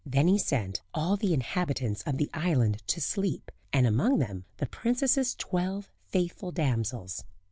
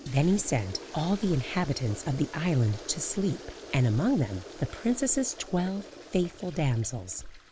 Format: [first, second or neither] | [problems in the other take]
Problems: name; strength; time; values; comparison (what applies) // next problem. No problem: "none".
first | background sound (Toilet flush); 16 dB below the speech